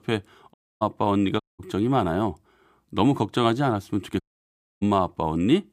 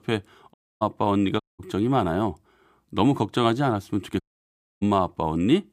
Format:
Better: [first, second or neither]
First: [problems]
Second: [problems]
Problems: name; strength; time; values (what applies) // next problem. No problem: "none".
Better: neither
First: audio cutting out; at 0.5 s, at 1.5 s and at 4 s for 0.5 s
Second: audio cutting out; at 0.5 s, at 1.5 s and at 4 s for 0.5 s